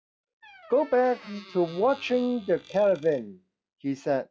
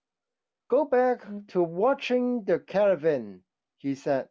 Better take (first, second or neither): second